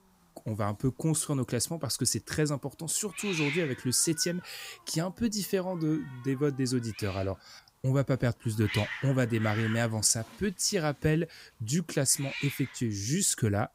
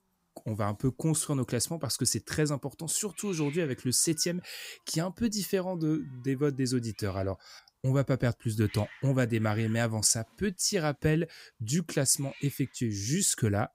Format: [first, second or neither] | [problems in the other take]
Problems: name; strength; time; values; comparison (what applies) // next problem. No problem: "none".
second | hiss; loud; throughout; 10 dB below the speech; faint in the second